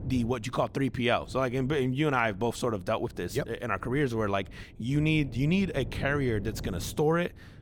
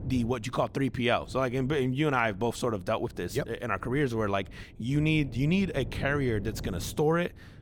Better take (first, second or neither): neither